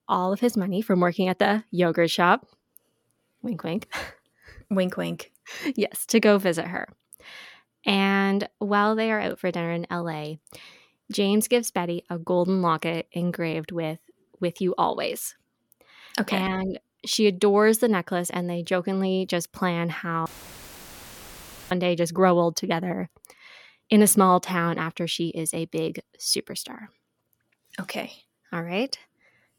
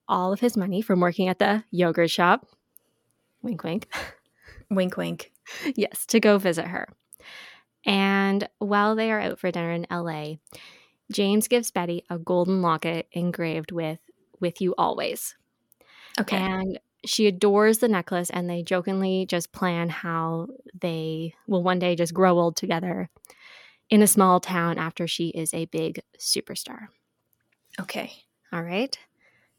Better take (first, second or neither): second